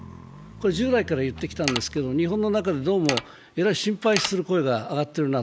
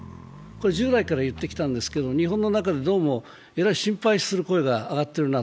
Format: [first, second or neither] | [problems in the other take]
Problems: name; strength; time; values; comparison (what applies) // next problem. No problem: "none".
second | background sound (Mechanisms); 5 dB below the speech